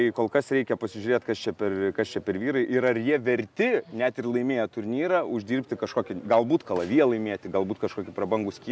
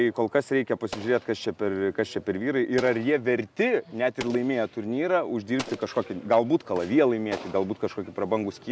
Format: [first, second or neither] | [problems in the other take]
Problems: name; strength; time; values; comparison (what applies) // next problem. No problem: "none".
first | background sound (Explosion); 19 dB below the speech